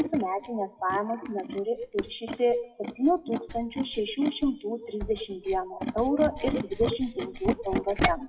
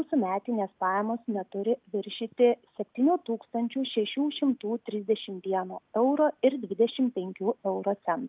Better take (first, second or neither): second